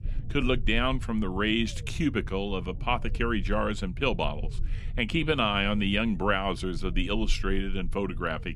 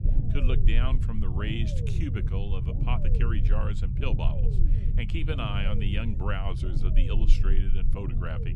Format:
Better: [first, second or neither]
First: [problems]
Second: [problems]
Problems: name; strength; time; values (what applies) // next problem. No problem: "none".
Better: first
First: low rumble; faint; throughout; 25 dB below the speech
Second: low rumble; loud; throughout; 5 dB below the speech